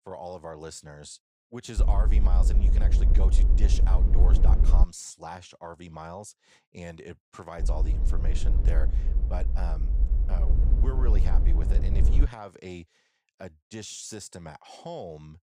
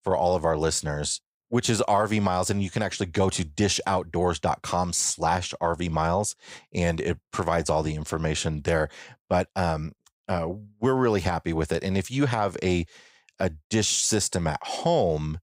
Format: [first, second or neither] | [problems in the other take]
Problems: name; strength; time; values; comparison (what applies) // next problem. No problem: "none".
second | low rumble; loud; from 2 to 5 s and from 7.5 to 12 s; 4 dB below the speech